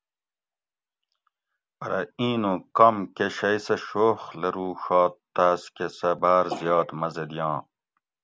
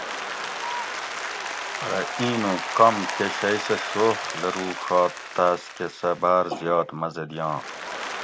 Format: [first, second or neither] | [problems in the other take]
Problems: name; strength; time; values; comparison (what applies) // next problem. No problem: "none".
first | background sound (Applause); 7 dB below the speech